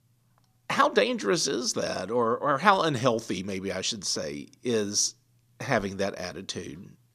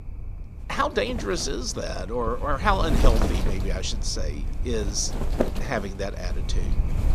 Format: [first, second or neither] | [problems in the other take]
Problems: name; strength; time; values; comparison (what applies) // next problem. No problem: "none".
first | wind noise on the microphone; heavy; 9 dB below the speech